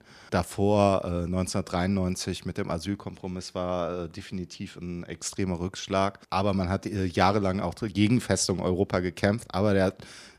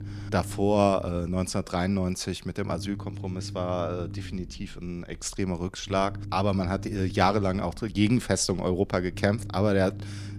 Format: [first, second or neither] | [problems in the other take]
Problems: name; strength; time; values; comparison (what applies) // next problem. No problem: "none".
first | low rumble; faint; throughout; 20 dB below the speech